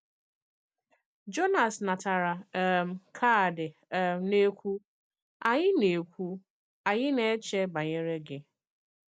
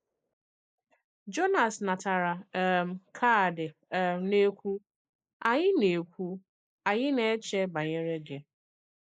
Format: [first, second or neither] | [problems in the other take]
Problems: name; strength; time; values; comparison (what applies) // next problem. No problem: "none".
first | noise reduction (neural mask model Resemble Enhance denoiser)